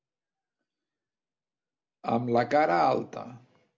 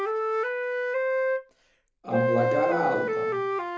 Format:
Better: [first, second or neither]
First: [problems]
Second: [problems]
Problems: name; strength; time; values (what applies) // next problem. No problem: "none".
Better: first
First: none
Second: background sound (Wind instrument, woodwind instrument); 5 dB above the speech // room echo; dies away in 0.7 s